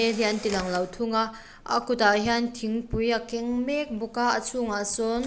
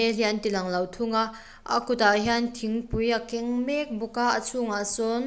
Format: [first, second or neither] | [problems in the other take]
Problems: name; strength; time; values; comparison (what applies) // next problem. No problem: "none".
second | background sound (Camera); 20 dB below the speech